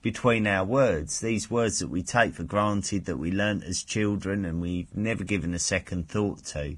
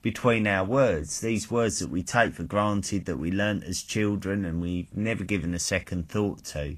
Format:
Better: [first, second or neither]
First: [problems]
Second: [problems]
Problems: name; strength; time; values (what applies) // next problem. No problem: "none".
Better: second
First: garbled, watery; badly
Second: garbled, watery; slightly; nothing above 14 kHz